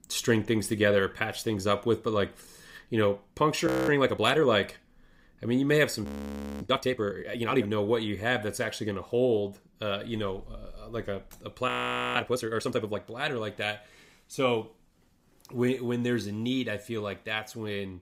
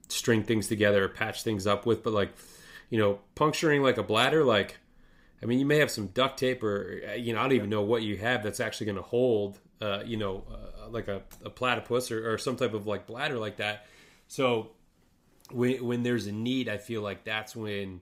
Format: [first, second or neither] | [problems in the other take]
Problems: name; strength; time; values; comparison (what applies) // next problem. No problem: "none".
second | audio freezing; at 3.5 s, at 6 s for 0.5 s and at 12 s